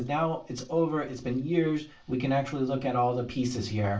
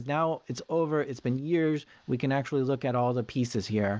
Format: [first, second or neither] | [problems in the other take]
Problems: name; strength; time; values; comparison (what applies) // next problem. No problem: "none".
second | room echo; dies away in 0.2 s